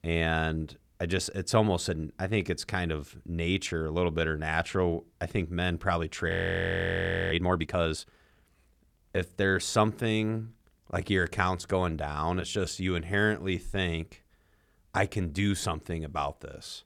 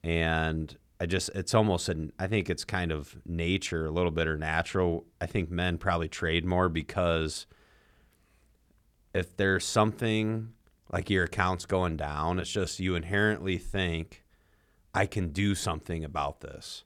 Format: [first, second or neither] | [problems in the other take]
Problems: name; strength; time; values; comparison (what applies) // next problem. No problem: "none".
second | audio freezing; at 6.5 s for 1 s